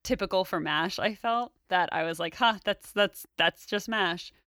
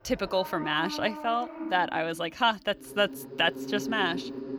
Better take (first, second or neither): first